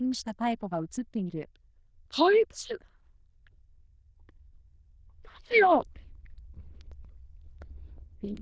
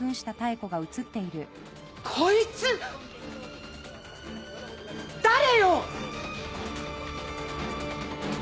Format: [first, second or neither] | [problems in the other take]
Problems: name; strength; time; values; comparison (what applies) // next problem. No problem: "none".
second | noise reduction (neural diffusion model UNIVERSE++)